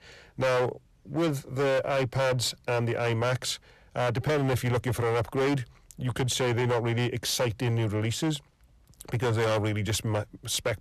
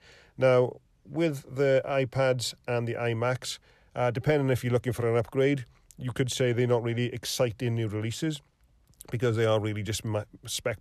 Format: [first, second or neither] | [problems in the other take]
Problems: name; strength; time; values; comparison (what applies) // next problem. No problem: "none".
second | distortion; heavy; 18% of the sound clipped